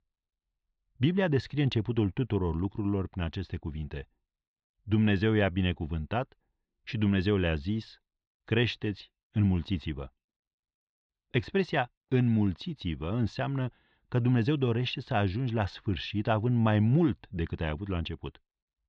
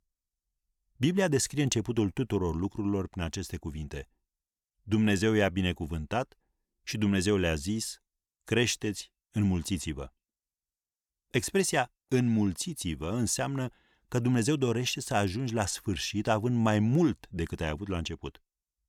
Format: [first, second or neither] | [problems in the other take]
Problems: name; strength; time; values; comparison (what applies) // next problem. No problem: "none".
second | muffled; slightly; fading above 4 kHz